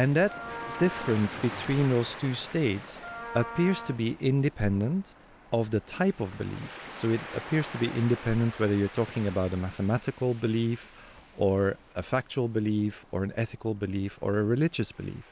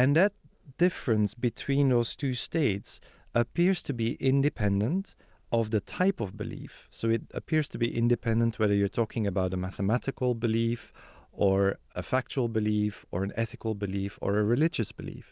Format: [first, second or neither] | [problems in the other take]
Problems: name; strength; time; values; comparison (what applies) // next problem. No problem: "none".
second | background sound (Wind instrument, woodwind instrument + Waves, surf); 15 dB below the speech